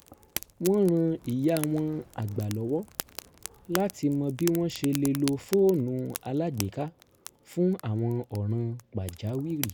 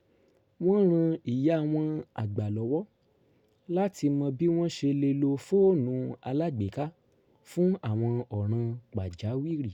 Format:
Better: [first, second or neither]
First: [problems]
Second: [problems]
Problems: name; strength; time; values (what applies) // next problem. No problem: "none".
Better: second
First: background sound (Fire); 14 dB below the speech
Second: none